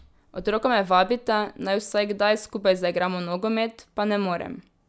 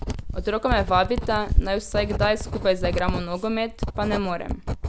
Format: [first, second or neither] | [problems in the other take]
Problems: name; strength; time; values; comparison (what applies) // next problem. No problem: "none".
first | background sound (Writing); 2 dB below the speech